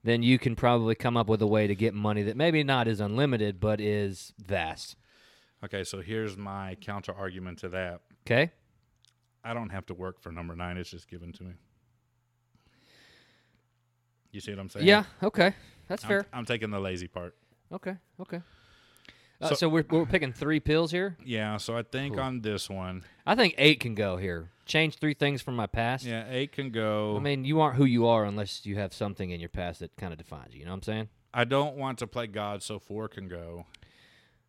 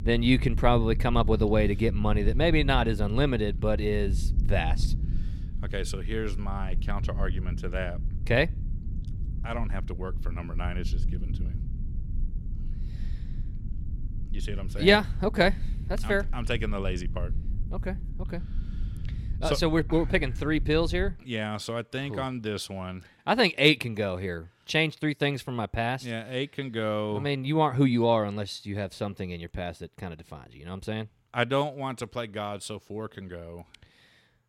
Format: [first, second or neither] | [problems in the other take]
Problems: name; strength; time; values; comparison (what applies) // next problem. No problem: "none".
first | low rumble; faint; until 21 s; 20 dB below the speech